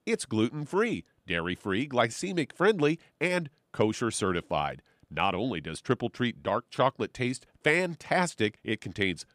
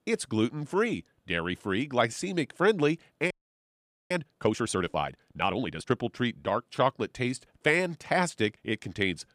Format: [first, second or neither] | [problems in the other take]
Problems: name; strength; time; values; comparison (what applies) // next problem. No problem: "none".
first | audio freezing; at 3.5 s for 1 s